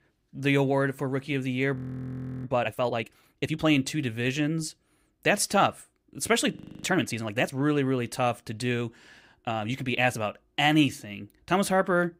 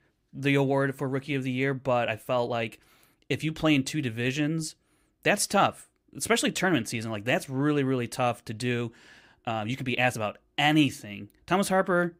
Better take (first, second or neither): second